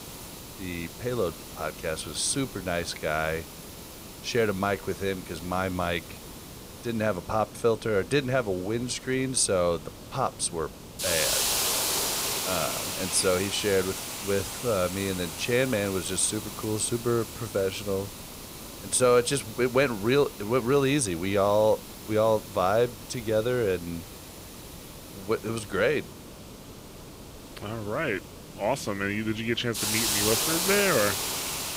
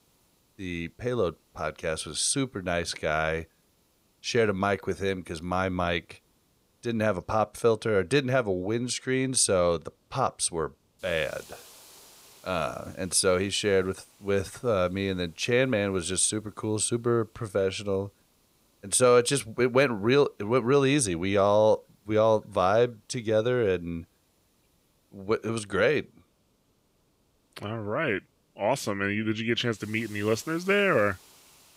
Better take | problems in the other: second | hiss; loud; throughout; 5 dB below the speech; faint in the second

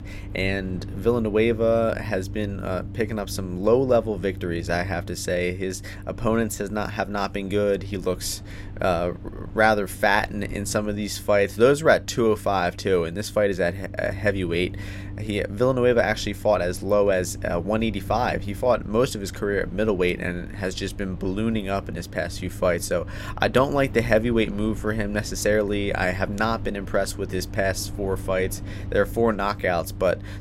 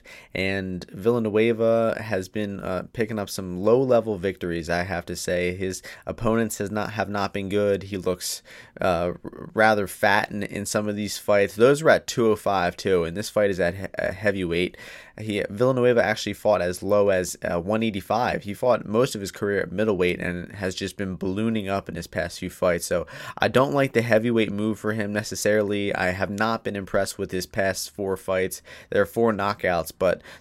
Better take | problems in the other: second | low rumble; faint; throughout; 20 dB below the speech

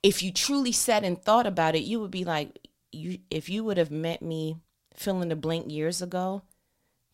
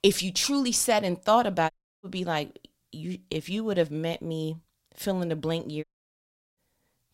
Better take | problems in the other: first | audio cutting out; at 1.5 s and at 6 s for 0.5 s

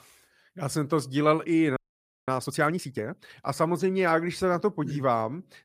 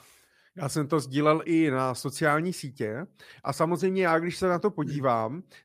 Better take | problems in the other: second | audio freezing; at 2 s for 0.5 s

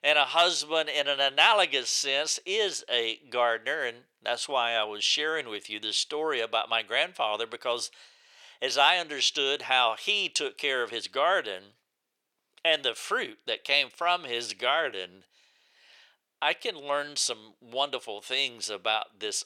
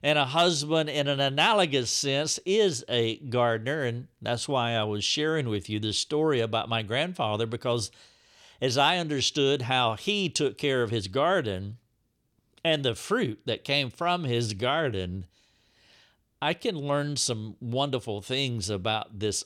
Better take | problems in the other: second | thin; very; fading below 650 Hz

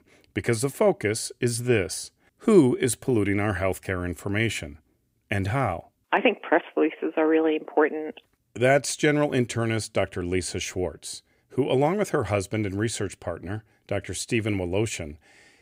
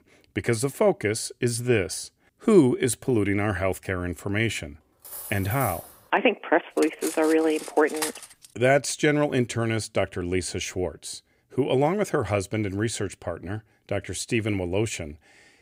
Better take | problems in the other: first | clattering dishes; noticeable; at 5 s and from 7 to 8.5 s; peak 6 dB below the speech

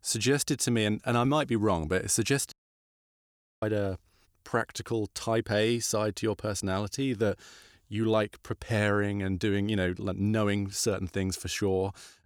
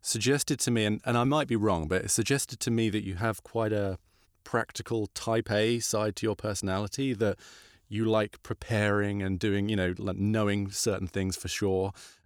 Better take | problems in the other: second | audio cutting out; at 2.5 s for 1 s

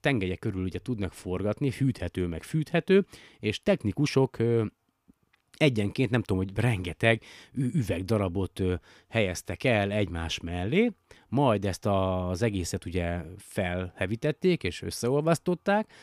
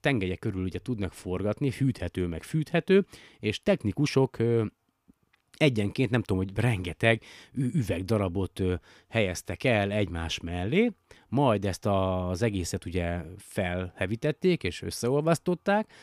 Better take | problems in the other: neither | none

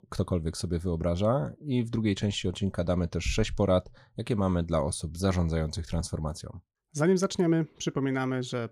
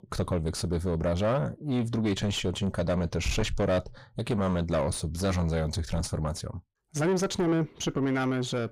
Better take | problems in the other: first | distortion; heavy; 6 dB below the speech

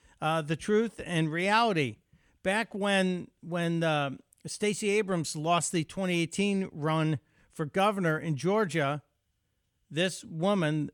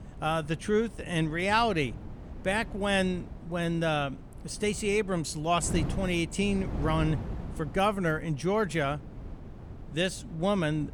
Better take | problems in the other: first | wind noise on the microphone; occasional gusts; 20 dB below the speech

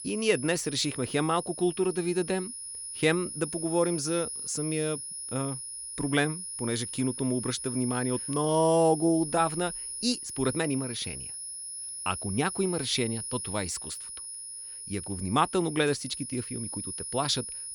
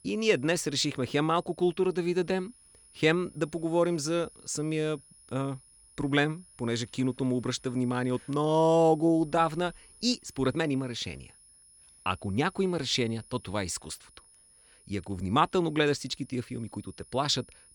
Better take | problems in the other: second | high-pitched whine; loud; throughout; 10.5 kHz, 6 dB below the speech; faint in the second

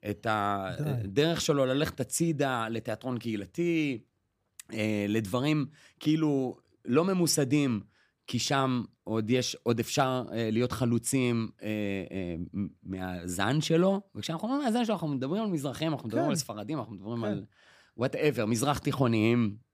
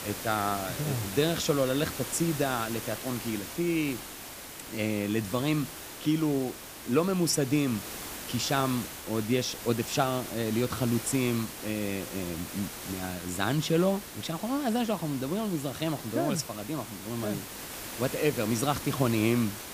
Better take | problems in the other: first | hiss; loud; throughout; 9 dB below the speech

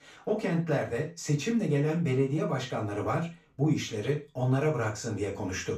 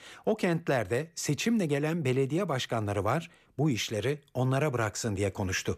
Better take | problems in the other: second | room echo; slight; dies away in 0.2 s // off-mic speech; far

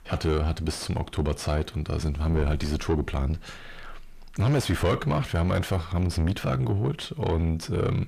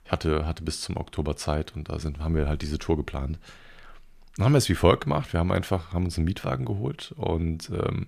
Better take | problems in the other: second | distortion; heavy; 6 dB below the speech

